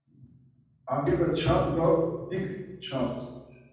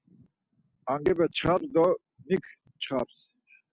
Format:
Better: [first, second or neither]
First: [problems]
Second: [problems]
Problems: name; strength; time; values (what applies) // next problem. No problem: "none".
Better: second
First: room echo; dies away in 1.2 s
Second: none